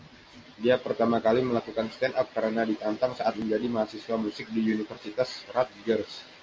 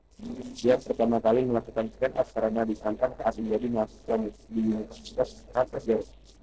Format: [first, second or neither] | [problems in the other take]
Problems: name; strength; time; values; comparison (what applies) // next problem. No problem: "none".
first | noise reduction (neural separator model SepFormer DNS4)